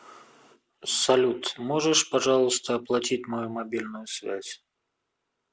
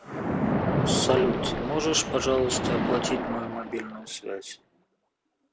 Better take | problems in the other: first | background sound (Splash, splatter); as loud as the speech

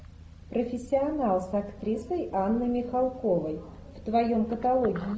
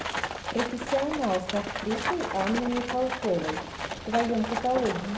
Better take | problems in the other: first | background sound (Livestock, farm animals, working animals); 5 dB below the speech

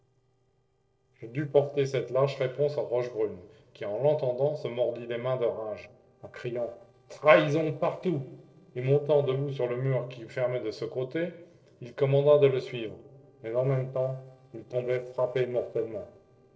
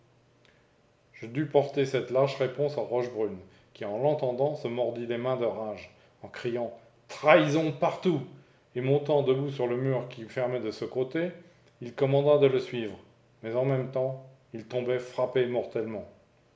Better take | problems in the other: second | noise reduction (neural separator model SepFormer DNS4)

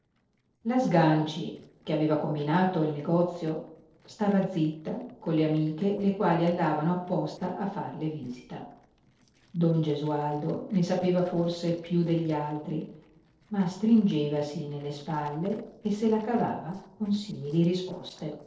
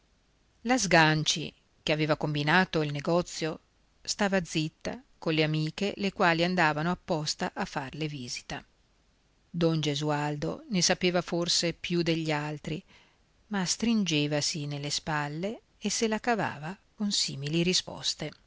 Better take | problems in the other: second | noise reduction (neural separator model SepFormer DNS4)

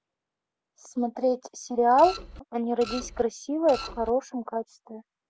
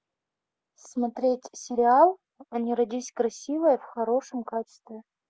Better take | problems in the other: second | background sound (Printer); 12 dB below the speech

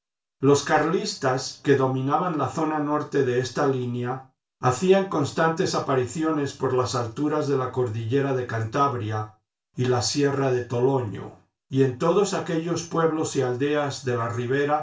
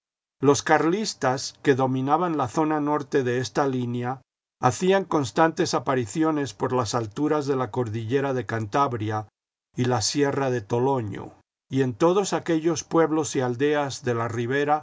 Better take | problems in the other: second | room echo; dies away in 0.3 s

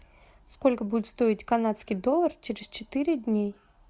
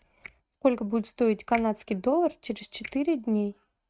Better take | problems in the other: first | noise reduction (neural mask model RNNoise)

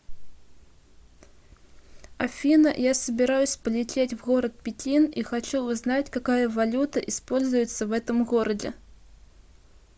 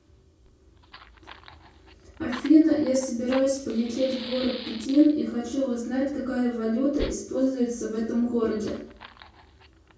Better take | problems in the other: first | background sound (Fire); 18 dB below the speech // room echo; dies away in 0.6 s

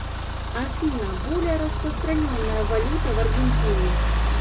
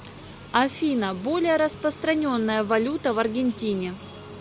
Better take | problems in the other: second | background sound (Idling / Engine starting / Accelerating, revving, vroom / Car); 5 dB above the speech // room echo; dies away in 0.2 s

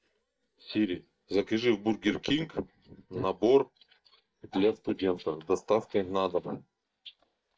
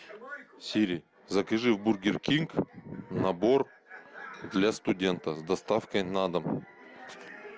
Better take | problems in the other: second | noise reduction (neural mask model DeepFilterNet 3)

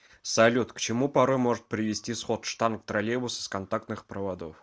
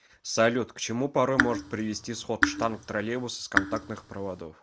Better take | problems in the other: first | background sound (Raindrop / Drip); 1 dB below the speech

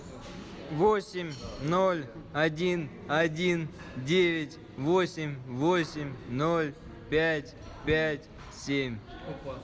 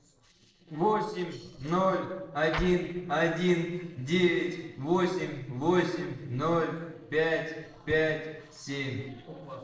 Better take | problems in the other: first | noise reduction (neural separator model SepFormer DNS4)

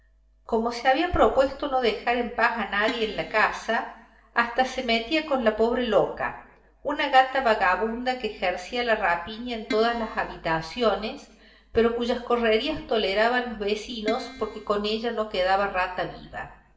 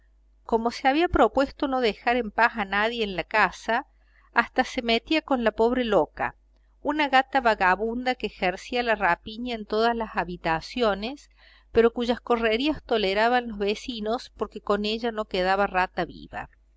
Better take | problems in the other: second | background sound (Keyboard (musical)); 12 dB below the speech // room echo; dies away in 0.8 s

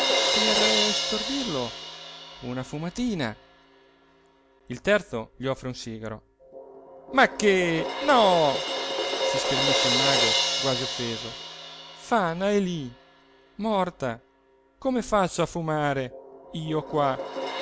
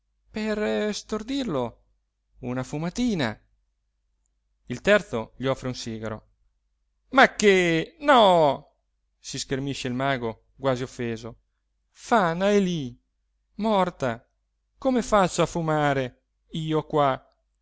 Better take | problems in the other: second | background sound (Crash cymbal); 2 dB below the speech

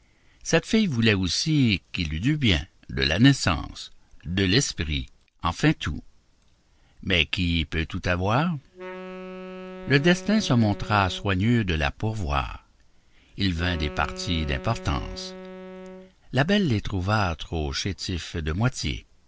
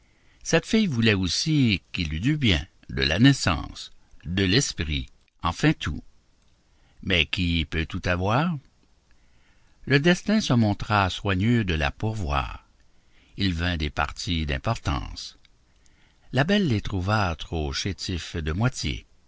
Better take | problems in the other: second | background sound (Wind instrument, woodwind instrument); 15 dB below the speech

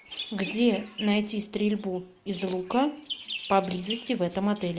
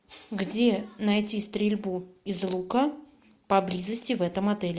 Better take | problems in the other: second | background sound (Bird vocalization, bird call, bird song); 13 dB below the speech

